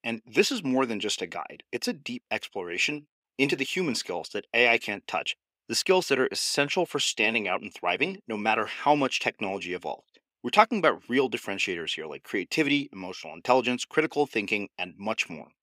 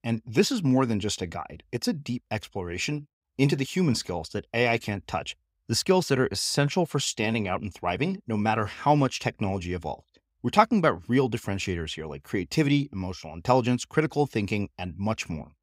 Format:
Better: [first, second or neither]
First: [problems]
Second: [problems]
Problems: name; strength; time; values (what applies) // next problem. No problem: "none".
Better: second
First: thin; very slightly; fading below 350 Hz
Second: none